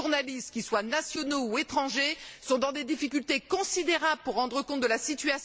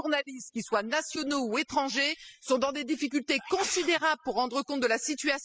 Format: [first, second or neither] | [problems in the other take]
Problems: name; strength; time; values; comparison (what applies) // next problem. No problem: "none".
first | noise reduction (classical method spectral subtraction)